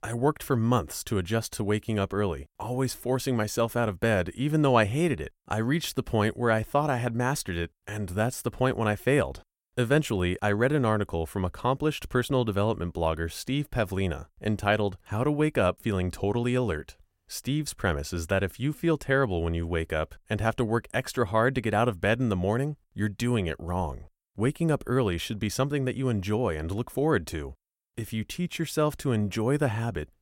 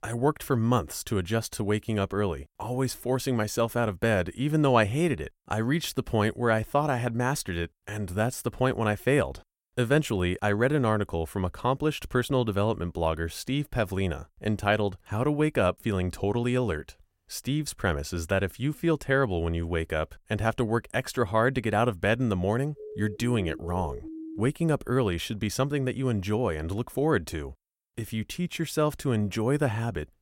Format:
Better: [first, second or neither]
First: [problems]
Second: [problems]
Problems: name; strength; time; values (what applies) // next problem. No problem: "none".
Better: first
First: none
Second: siren; faint; from 23 to 24 s; peak 10 dB below the speech